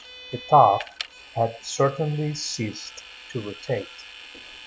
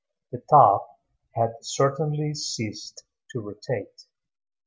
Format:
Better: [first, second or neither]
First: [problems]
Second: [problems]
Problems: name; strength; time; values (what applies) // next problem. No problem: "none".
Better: second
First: background sound (Vehicle); 17 dB below the speech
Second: none